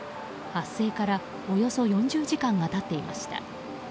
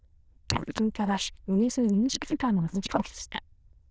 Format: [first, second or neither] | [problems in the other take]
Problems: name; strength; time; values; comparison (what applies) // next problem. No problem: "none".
first | noise reduction (neural diffusion model UNIVERSE++)